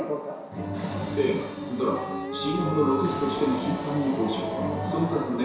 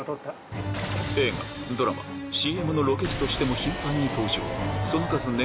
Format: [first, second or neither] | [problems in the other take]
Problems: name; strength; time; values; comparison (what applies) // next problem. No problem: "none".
second | background sound (Wind instrument, woodwind instrument); 9 dB below the speech // room echo; dies away in 0.7 s